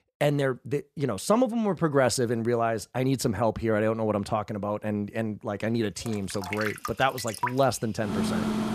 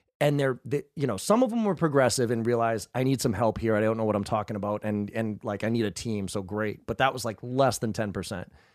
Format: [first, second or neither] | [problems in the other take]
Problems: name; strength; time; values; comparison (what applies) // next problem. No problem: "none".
second | household noises; loud; from 6.5 s on; 5 dB below the speech